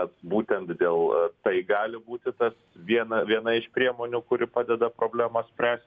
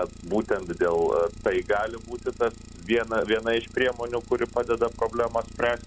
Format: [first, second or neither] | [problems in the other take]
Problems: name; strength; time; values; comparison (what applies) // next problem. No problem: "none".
first | background sound (Idling); 16 dB below the speech